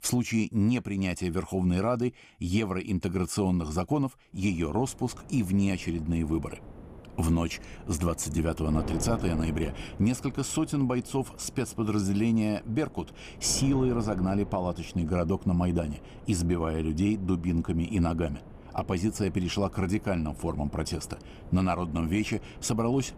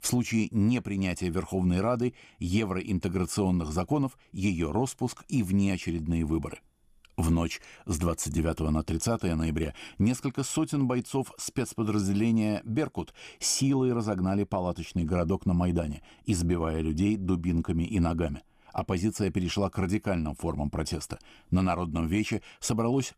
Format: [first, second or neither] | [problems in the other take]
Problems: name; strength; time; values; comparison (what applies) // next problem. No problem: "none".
second | wind noise on the microphone; occasional gusts; from 4.5 s on; 15 dB below the speech